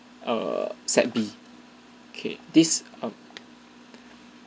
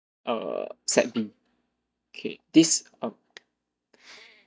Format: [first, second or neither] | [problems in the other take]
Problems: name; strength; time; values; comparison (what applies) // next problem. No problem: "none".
first | noise reduction (neural mask model DeepFilterNet 3)